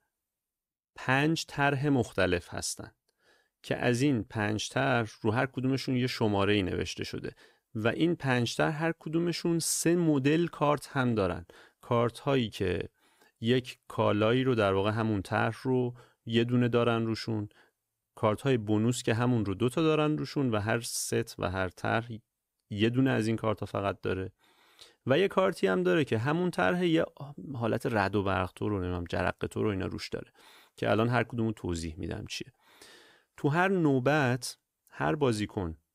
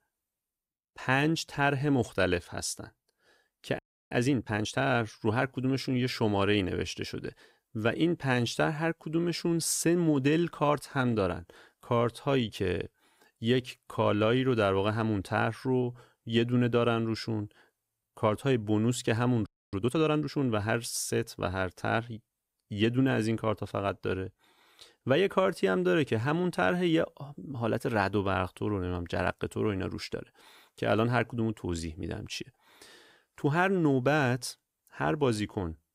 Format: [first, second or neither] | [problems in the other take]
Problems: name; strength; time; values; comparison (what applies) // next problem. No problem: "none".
first | audio freezing; at 4 s and at 19 s